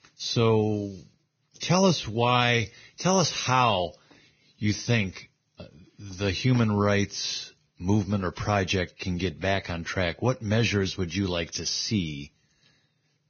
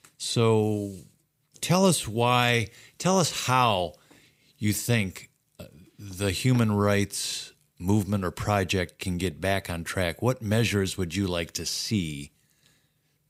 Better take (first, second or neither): second